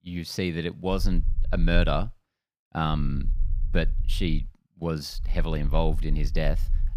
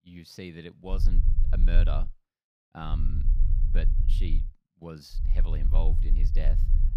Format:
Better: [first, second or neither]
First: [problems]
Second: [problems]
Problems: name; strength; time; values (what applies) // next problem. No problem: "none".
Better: first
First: low rumble; faint; from 1 to 2 s, from 3 to 4.5 s and from 5 s on; 20 dB below the speech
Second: low rumble; loud; from 1 to 2 s, from 3 to 4.5 s and from 5 s on; 7 dB below the speech